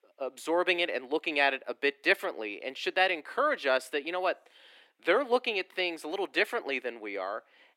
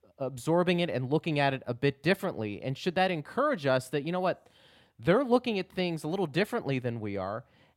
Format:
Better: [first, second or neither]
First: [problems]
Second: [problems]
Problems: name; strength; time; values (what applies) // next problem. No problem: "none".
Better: second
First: thin; somewhat; fading below 300 Hz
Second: none